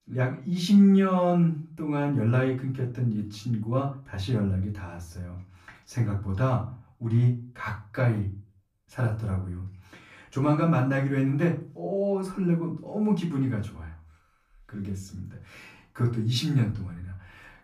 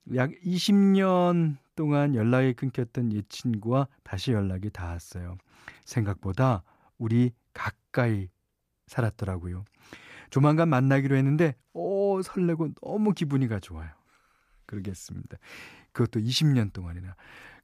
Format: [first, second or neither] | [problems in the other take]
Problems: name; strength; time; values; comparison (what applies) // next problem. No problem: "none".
second | off-mic speech; far // room echo; slight; dies away in 0.3 s